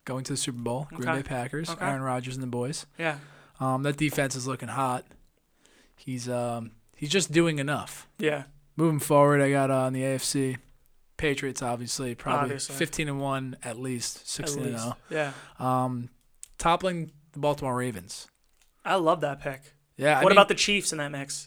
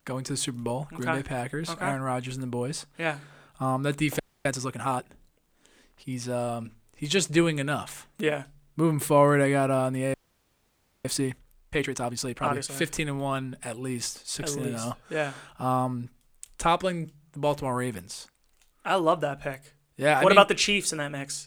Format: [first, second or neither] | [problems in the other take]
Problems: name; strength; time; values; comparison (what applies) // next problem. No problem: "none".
first | audio freezing; at 4 s and at 10 s for 1 s